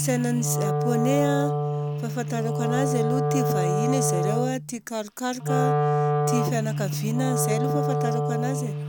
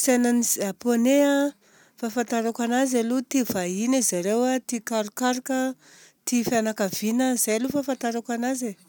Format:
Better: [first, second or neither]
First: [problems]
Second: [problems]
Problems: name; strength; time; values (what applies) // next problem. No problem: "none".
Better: second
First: background sound (Wind instrument, woodwind instrument); 4 dB above the speech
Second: none